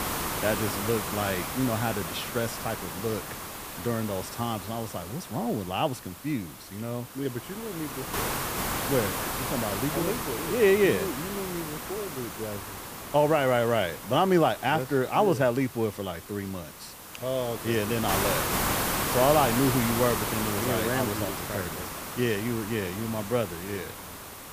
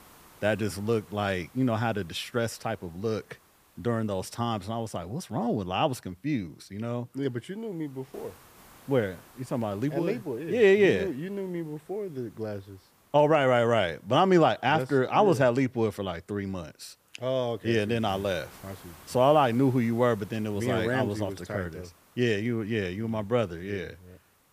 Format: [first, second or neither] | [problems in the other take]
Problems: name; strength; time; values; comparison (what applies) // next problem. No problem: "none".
second | hiss; loud; throughout; 4 dB below the speech; faint in the second